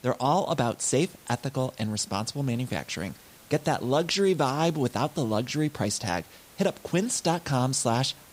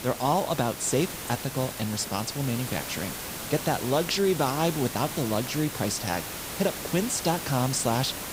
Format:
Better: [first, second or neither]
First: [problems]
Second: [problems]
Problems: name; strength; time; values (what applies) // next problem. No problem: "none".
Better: first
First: hiss; faint; throughout; 25 dB below the speech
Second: hiss; loud; throughout; 7 dB below the speech